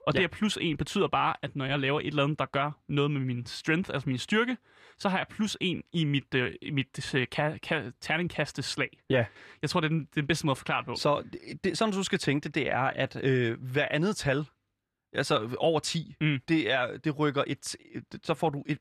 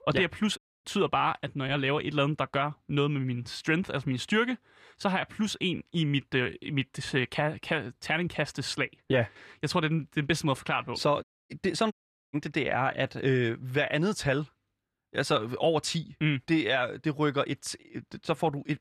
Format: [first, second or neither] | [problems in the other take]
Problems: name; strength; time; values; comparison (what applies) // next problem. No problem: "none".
first | audio cutting out; at 0.5 s, at 11 s and at 12 s